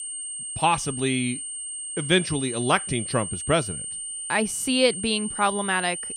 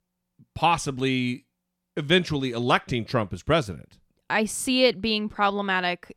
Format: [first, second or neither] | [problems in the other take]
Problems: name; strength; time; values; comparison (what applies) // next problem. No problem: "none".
second | high-pitched whine; loud; throughout; 8.5 kHz, 6 dB below the speech